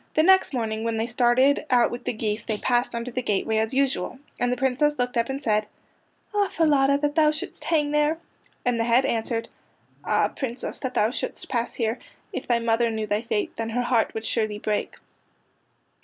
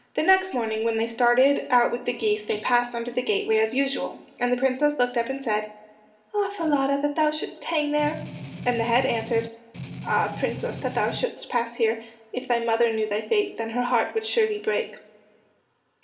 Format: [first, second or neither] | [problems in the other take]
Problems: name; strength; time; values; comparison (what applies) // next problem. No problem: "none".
first | background sound (Strum); 11 dB below the speech // room echo; dies away in 1.8 s